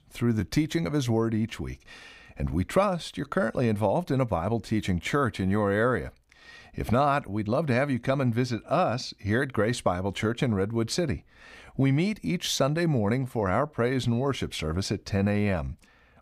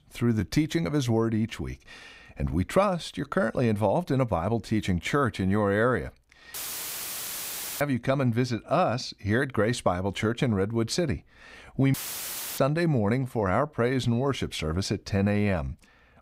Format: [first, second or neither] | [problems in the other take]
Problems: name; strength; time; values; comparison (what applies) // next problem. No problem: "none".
first | audio cutting out; filled with static; at 6.5 s for 1.5 s and at 12 s for 0.5 s